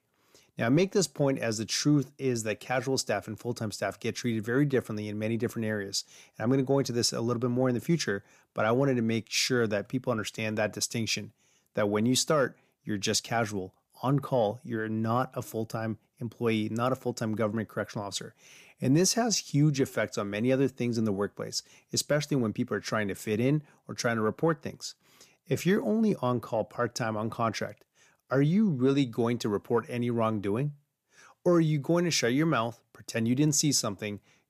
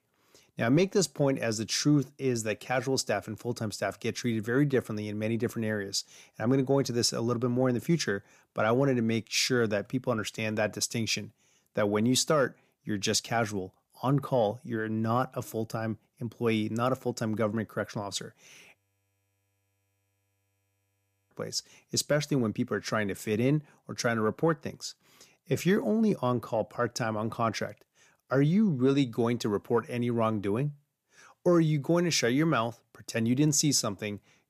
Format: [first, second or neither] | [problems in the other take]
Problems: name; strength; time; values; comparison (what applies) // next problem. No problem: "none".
first | audio freezing; at 19 s for 2.5 s